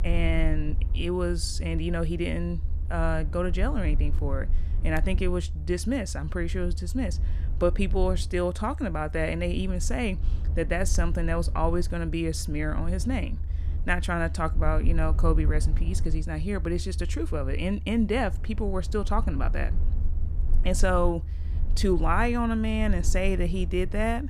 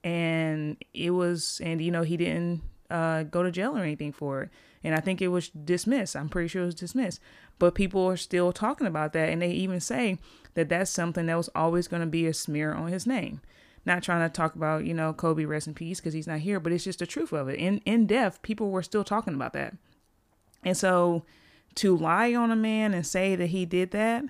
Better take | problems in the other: second | low rumble; noticeable; throughout; 20 dB below the speech

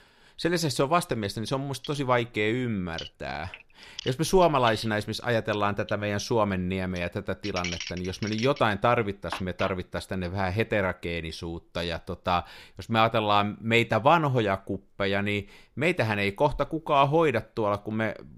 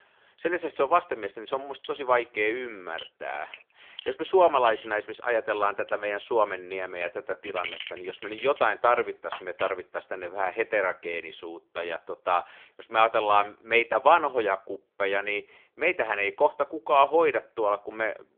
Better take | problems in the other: first | phone-call audio; poor line; nothing above 3.5 kHz

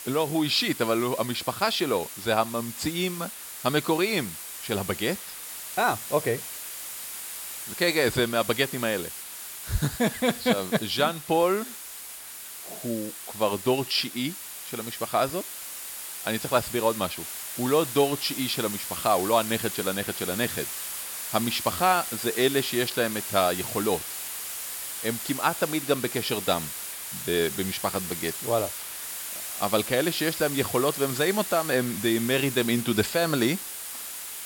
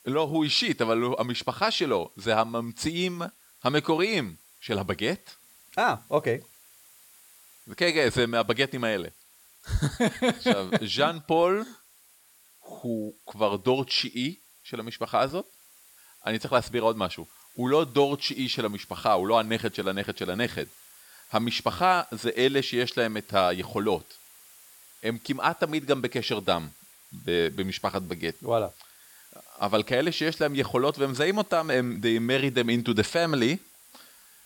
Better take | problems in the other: second | hiss; loud; throughout; 7 dB below the speech; faint in the second

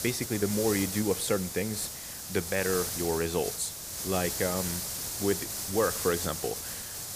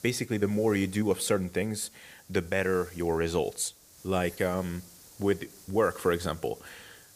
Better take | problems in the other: second | hiss; loud; throughout; 2 dB below the speech; faint in the second

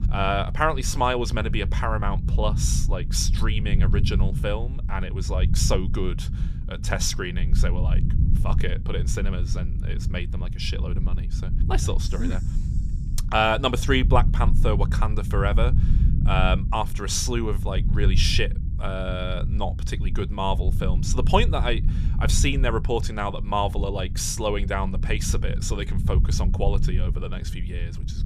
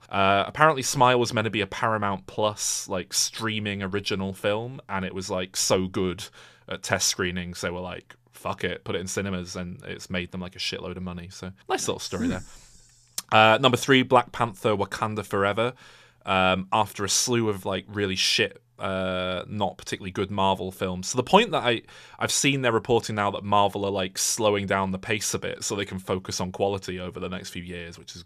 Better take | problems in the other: second | low rumble; noticeable; throughout; 15 dB below the speech

